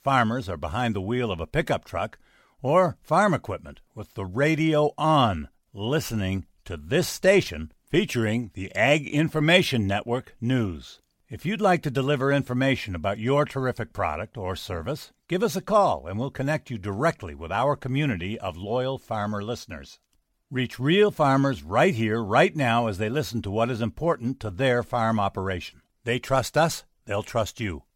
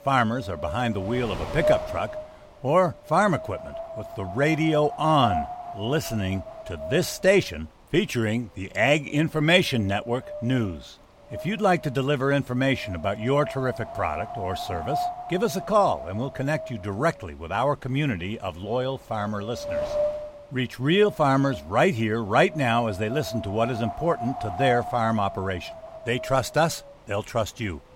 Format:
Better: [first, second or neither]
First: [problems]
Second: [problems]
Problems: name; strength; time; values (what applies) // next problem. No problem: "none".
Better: first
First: none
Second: wind noise on the microphone; heavy; 8 dB below the speech